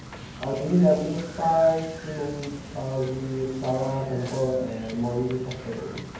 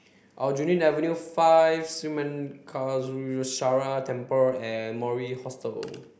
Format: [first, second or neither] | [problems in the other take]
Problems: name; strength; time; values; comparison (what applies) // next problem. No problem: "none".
second | background sound (Wind / Boat, Water vehicle); 14 dB below the speech // room echo; dies away in 0.9 s